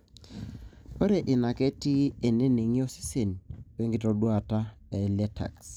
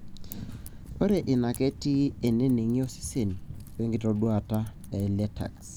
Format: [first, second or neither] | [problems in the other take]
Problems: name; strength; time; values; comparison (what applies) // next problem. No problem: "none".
first | background sound (Typing); 14 dB below the speech